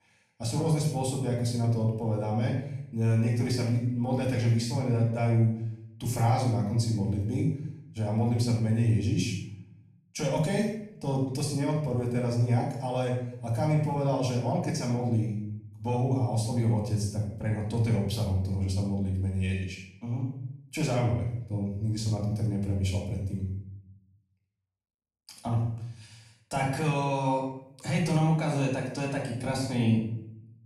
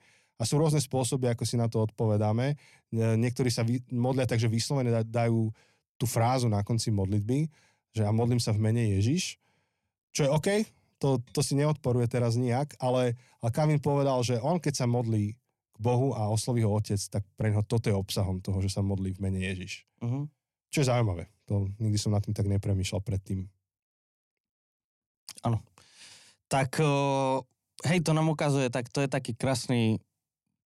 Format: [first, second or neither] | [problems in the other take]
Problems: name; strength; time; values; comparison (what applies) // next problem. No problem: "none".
second | room echo; noticeable; dies away in 0.6 s // off-mic speech; far